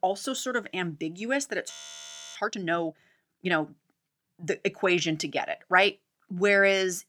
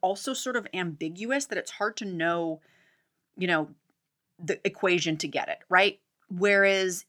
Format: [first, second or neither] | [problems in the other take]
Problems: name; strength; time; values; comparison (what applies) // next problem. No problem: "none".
second | audio freezing; at 1.5 s for 0.5 s